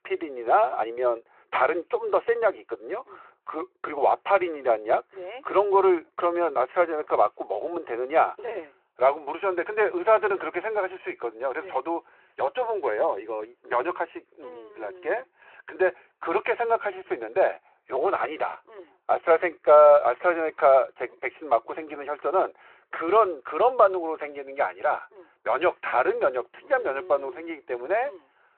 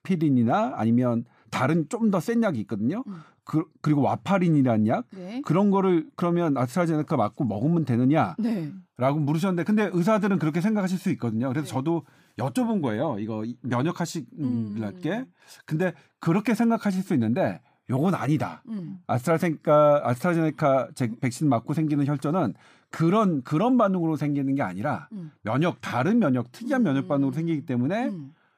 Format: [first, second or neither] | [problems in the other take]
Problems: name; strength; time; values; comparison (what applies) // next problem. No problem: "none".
second | phone-call audio